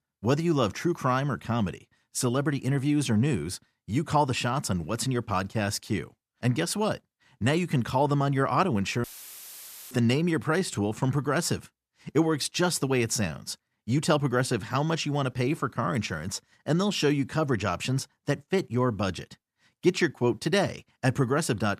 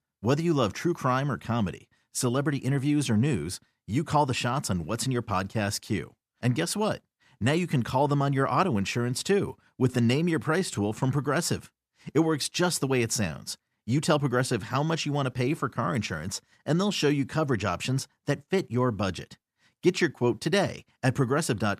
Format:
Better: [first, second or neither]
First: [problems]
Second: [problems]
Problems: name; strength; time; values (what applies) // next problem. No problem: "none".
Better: second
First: audio cutting out; filled with static; at 9 s for 1 s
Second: none